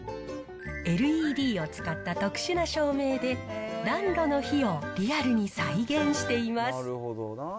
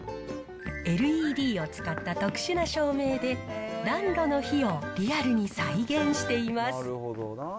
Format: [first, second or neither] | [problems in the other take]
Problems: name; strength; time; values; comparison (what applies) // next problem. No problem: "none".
first | background sound (Run); 18 dB below the speech